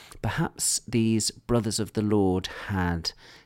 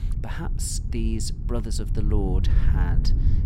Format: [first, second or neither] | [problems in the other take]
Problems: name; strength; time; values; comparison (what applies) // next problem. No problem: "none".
first | low rumble; loud; throughout; 7 dB below the speech